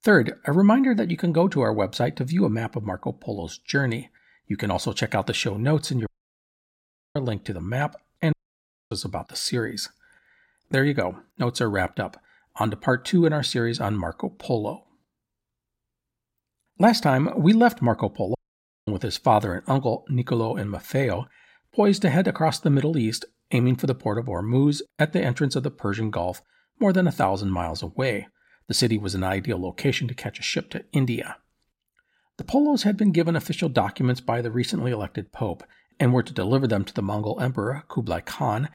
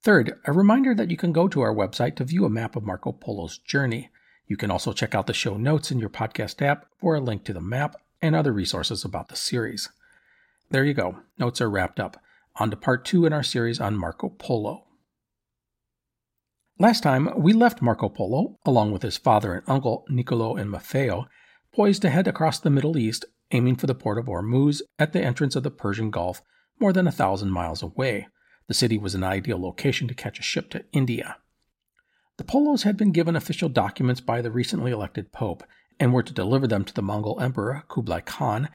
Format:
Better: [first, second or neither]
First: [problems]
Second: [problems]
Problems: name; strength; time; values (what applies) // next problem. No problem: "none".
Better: second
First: audio cutting out; at 6 s for 1 s, at 8.5 s for 0.5 s and at 18 s for 0.5 s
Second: none